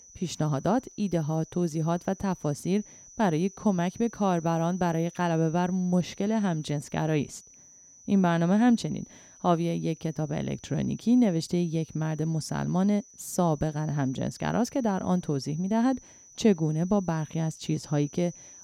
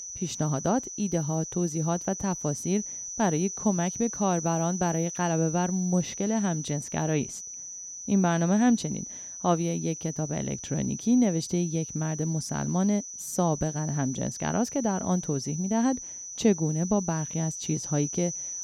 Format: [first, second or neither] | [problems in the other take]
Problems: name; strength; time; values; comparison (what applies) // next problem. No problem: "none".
first | high-pitched whine; loud; throughout; 6 kHz, 8 dB below the speech; faint in the first